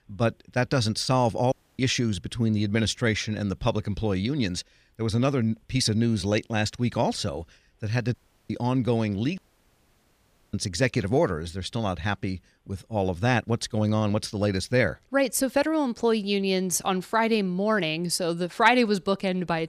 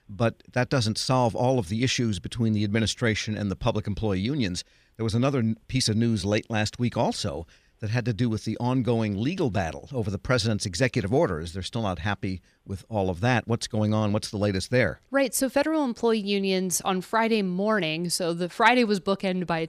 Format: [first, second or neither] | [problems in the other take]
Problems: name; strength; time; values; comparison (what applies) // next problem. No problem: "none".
second | audio cutting out; at 1.5 s, at 8 s and at 9.5 s for 1 s